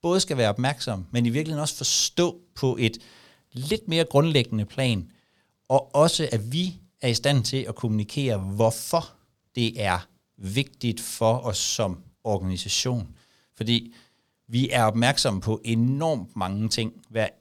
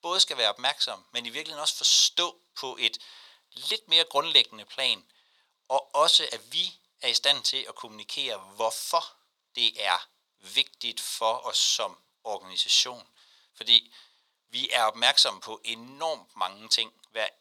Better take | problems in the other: first | thin; very; fading below 800 Hz

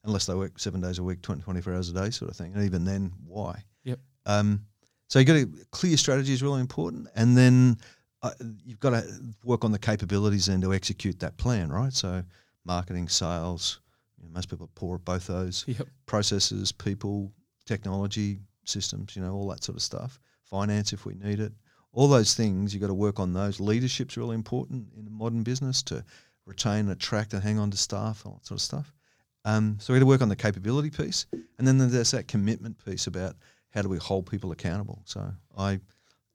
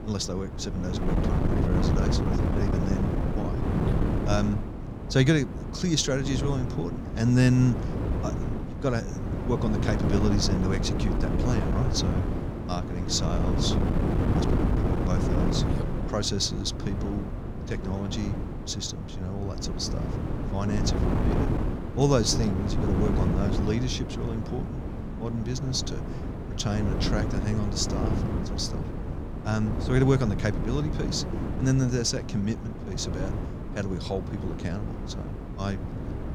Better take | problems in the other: first | wind noise on the microphone; heavy; 4 dB below the speech

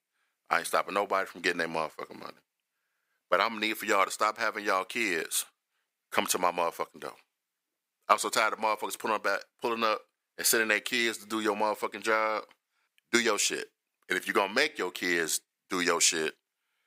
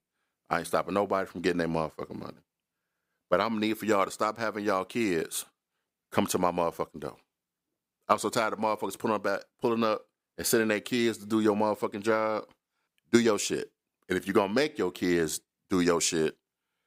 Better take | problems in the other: second | thin; somewhat; fading below 1 kHz

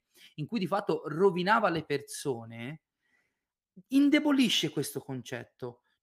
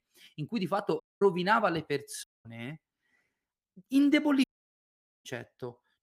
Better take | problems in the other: first | audio cutting out; at 1 s, at 2 s and at 4.5 s for 1 s

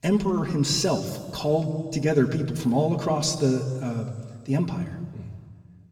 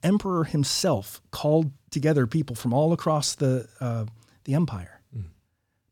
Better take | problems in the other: second | room echo; slight; dies away in 1.7 s // off-mic speech; somewhat distant

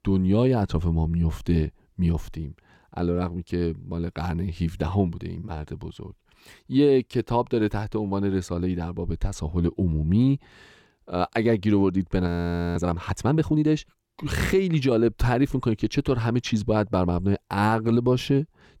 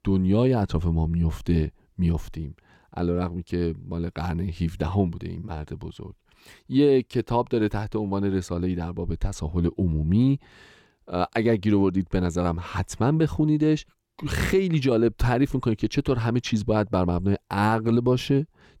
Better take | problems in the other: second | audio freezing; at 12 s

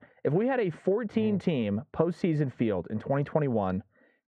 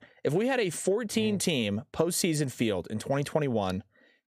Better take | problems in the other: second | muffled; very; fading above 1.5 kHz

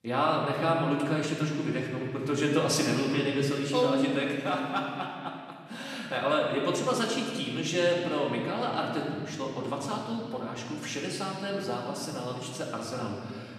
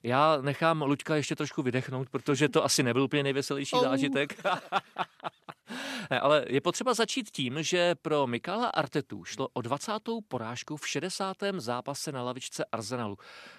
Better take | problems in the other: second | room echo; noticeable; dies away in 2 s // off-mic speech; far

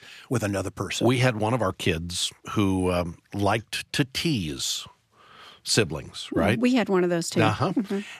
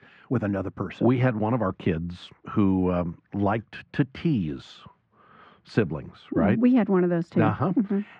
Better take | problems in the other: first | muffled; very; fading above 1.5 kHz

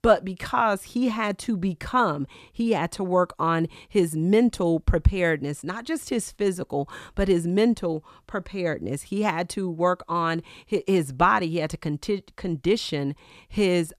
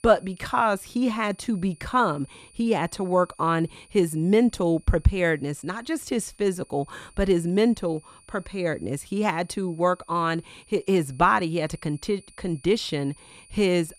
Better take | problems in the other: first | high-pitched whine; faint; throughout; 9.5 kHz, 25 dB below the speech

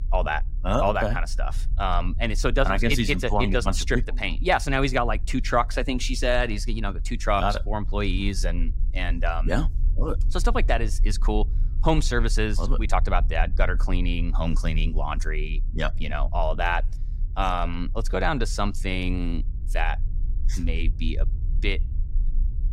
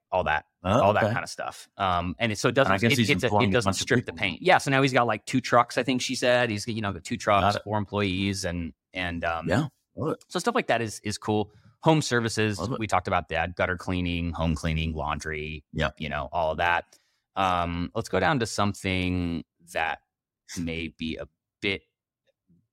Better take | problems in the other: second | low rumble; faint; throughout; 25 dB below the speech

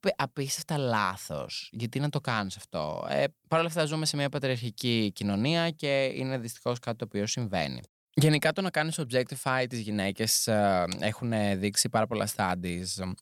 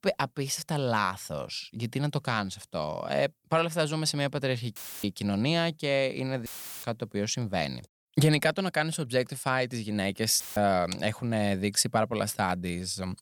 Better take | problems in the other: first | audio cutting out; filled with static; at 5 s, at 6.5 s and at 10 s

